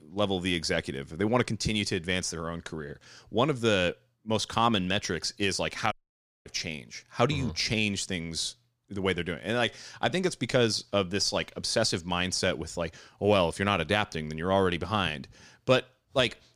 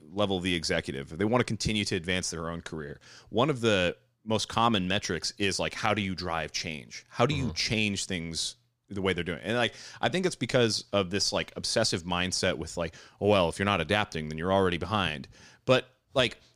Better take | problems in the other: second | audio cutting out; at 6 s for 0.5 s

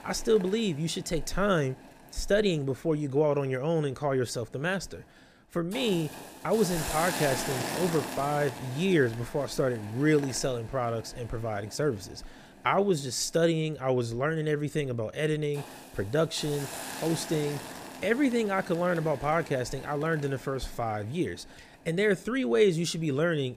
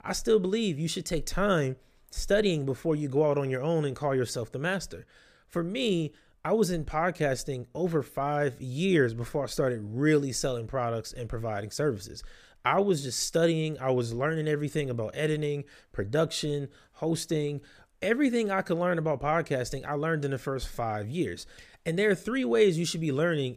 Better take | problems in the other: second | hiss; noticeable; throughout; 10 dB below the speech

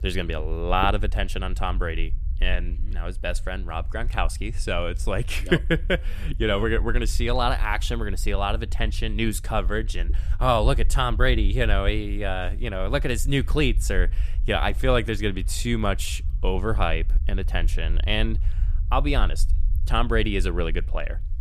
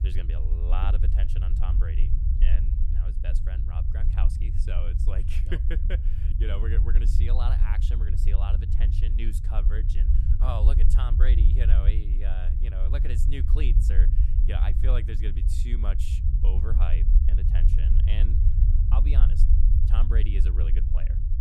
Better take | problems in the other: first | low rumble; loud; throughout; 3 dB below the speech; faint in the first

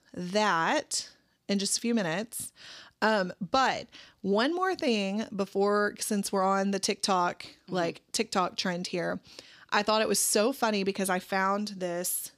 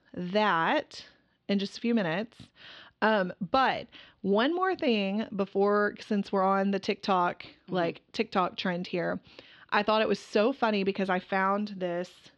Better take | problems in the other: first | muffled; slightly; fading above 3.5 kHz

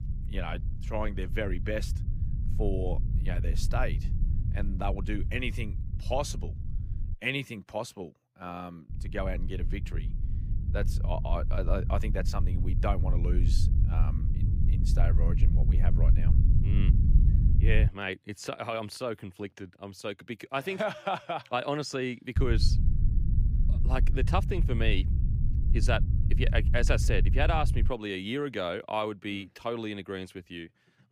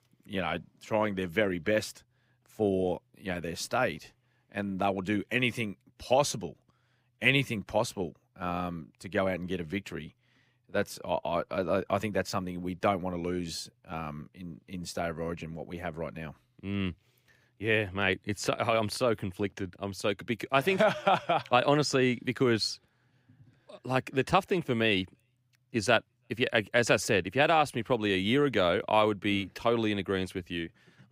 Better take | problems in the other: second | low rumble; noticeable; until 7 s, from 9 to 18 s and from 22 to 28 s; 10 dB below the speech

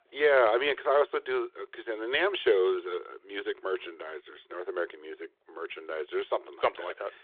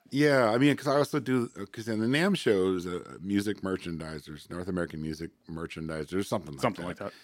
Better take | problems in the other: second | phone-call audio; nothing above 3.5 kHz

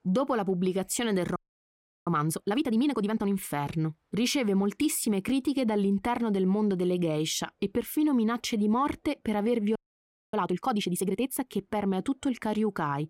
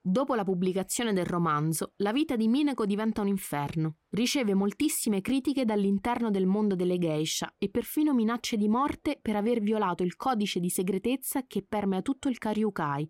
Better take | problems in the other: second | audio freezing; at 1.5 s for 0.5 s and at 10 s for 0.5 s

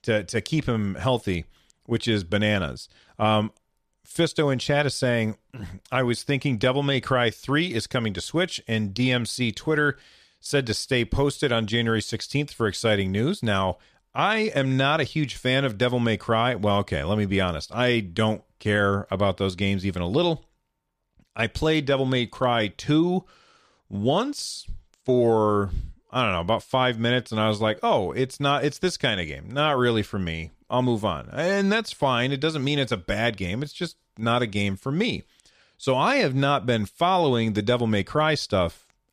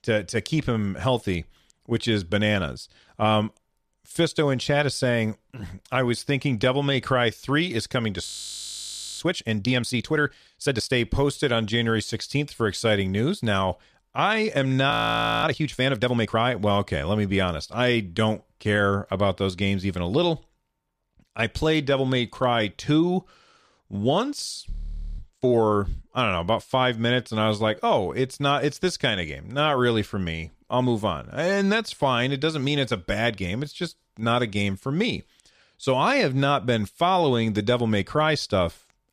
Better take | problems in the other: first | audio freezing; at 8.5 s for 1 s, at 15 s for 0.5 s and at 25 s

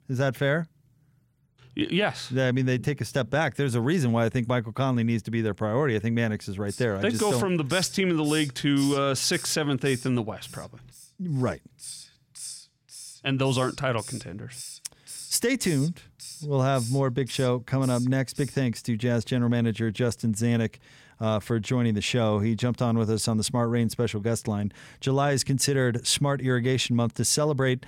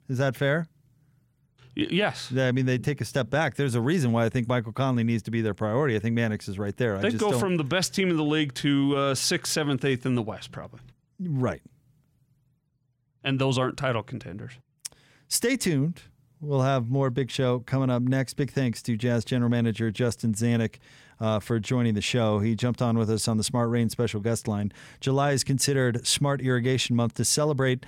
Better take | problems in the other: second | hiss; noticeable; from 6.5 to 19 s; 15 dB below the speech

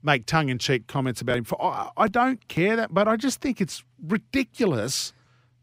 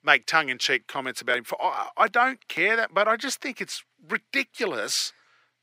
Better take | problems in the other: first | thin; somewhat; fading below 450 Hz

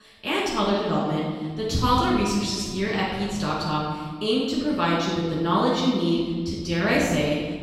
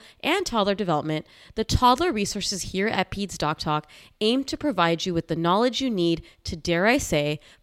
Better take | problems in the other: second | off-mic speech; far // room echo; noticeable; dies away in 1.5 s

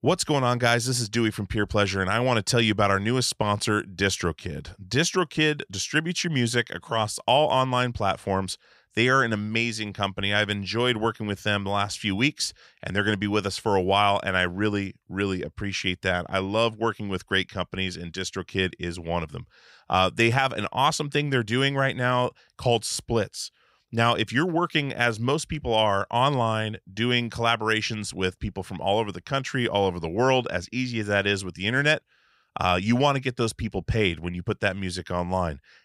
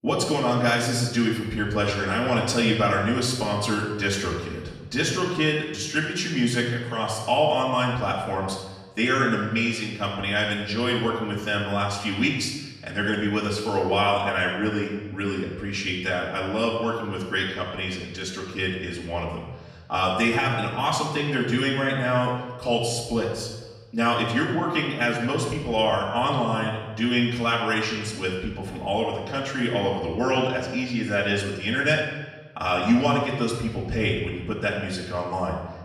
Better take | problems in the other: first | off-mic speech; far // room echo; noticeable; dies away in 1 s

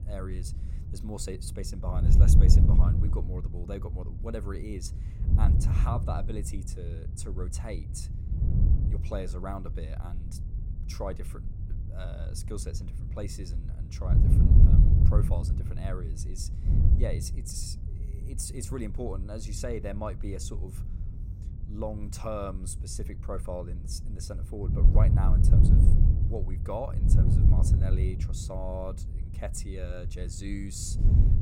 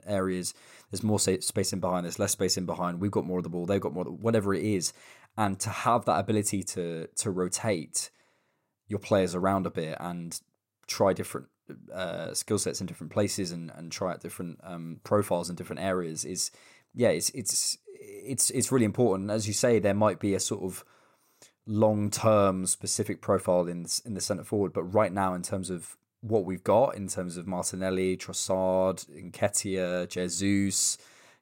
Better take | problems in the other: second | wind noise on the microphone; heavy; 3 dB below the speech

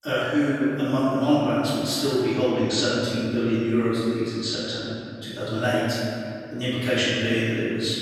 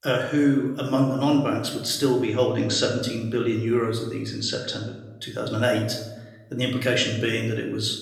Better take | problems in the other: second | room echo; strong; dies away in 2.2 s; slight in the second // off-mic speech; far; somewhat distant in the second

